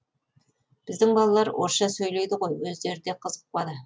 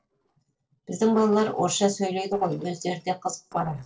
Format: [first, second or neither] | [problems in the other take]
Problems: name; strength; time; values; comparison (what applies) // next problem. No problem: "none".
first | noise reduction (neural separator model SepFormer DNS4)